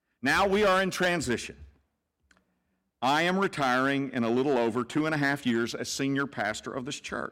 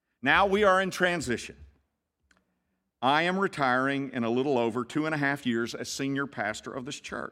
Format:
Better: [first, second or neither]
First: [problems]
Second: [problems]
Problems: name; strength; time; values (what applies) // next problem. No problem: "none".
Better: second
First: distortion; slight; 6% of the sound clipped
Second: none